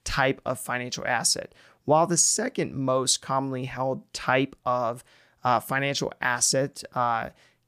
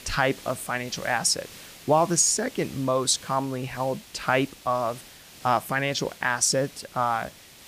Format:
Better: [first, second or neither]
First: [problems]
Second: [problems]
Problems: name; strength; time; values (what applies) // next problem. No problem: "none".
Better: first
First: none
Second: hiss; noticeable; throughout; 20 dB below the speech